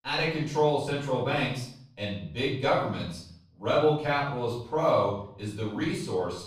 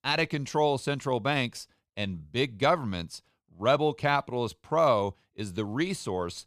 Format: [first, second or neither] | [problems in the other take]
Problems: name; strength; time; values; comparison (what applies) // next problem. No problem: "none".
second | off-mic speech; far // room echo; noticeable; dies away in 0.5 s